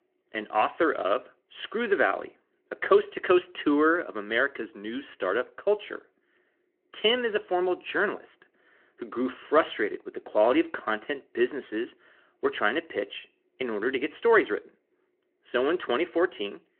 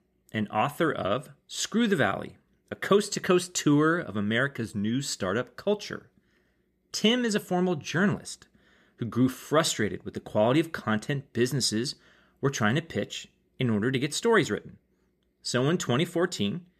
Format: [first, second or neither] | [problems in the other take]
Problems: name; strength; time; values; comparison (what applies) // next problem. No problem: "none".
second | phone-call audio